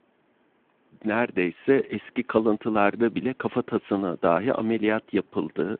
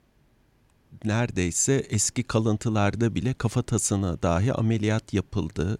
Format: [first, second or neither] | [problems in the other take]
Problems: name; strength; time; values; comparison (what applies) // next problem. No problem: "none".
second | phone-call audio